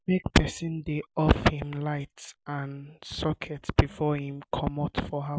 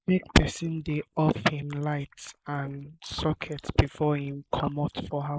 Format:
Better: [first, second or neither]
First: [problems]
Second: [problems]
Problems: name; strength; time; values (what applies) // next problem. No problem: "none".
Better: first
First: none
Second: noise reduction (neural mask model Resemble Enhance denoiser)